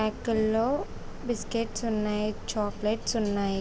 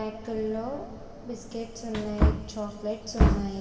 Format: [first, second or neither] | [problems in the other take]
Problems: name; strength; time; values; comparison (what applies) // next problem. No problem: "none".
first | background sound (Wood); 4 dB above the speech // room echo; dies away in 2.3 s